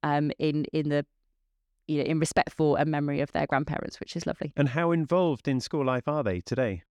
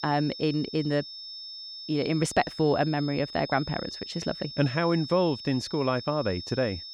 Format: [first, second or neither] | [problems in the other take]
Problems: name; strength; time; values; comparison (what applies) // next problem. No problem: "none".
first | high-pitched whine; noticeable; throughout; 5.5 kHz, 10 dB below the speech